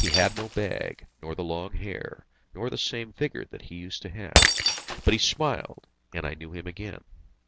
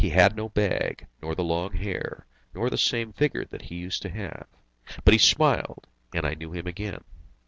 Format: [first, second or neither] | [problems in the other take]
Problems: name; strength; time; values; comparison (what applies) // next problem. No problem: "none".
second | background sound (Shatter); as loud as the speech